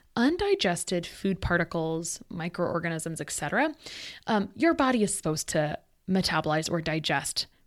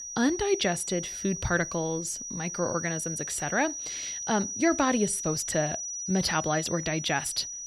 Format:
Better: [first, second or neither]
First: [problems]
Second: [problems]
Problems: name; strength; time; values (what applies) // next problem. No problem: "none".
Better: first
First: none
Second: high-pitched whine; loud; throughout; 6 kHz, 5 dB below the speech